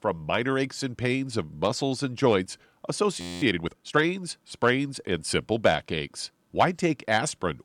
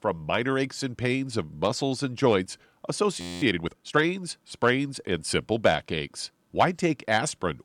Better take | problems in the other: neither | audio freezing; at 3 s; the same in both

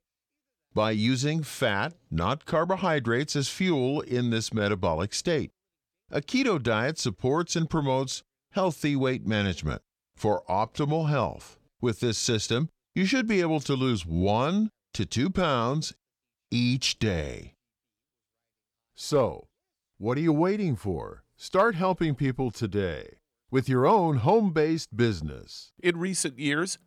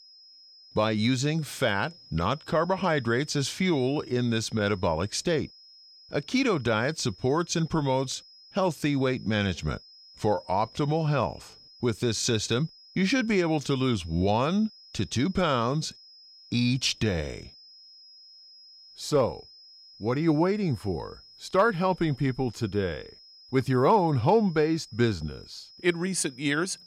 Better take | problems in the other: first | high-pitched whine; faint; throughout; 5 kHz, 20 dB below the speech

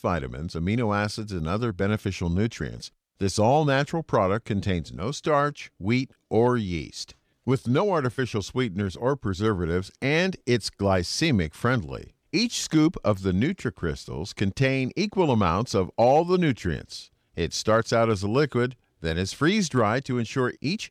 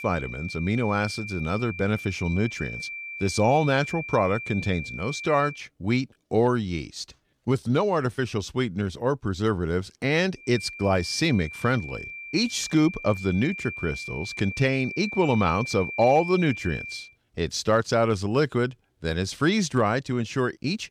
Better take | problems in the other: first | high-pitched whine; loud; until 5.5 s and from 10 to 17 s; 2.5 kHz, 9 dB below the speech

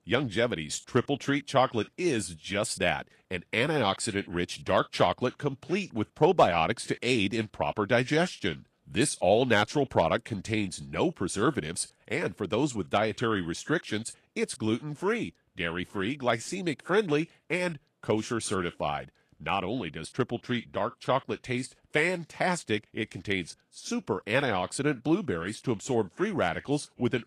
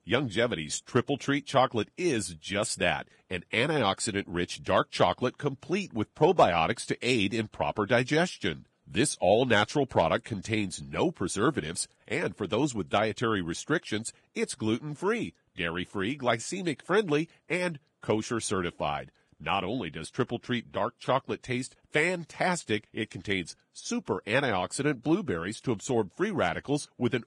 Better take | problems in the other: first | garbled, watery; badly; slightly in the first

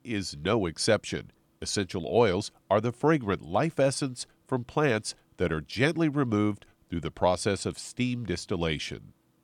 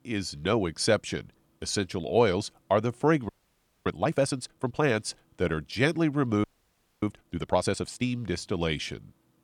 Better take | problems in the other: first | audio freezing; at 3.5 s for 0.5 s and at 6.5 s for 0.5 s

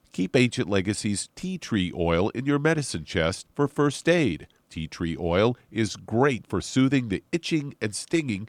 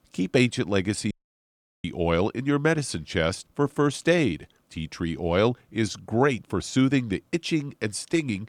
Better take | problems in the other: first | audio cutting out; at 1 s for 0.5 s

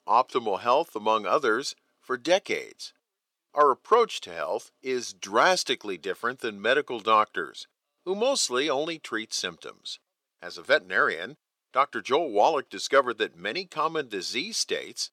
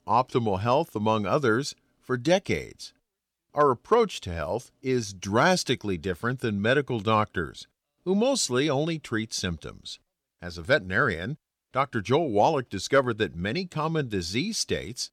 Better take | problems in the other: second | thin; somewhat; fading below 450 Hz

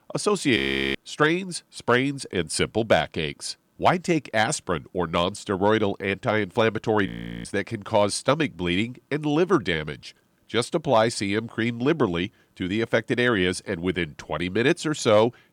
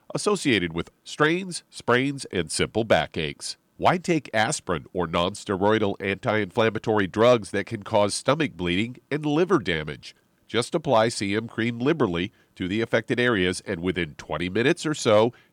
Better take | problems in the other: second | audio freezing; at 0.5 s and at 7 s

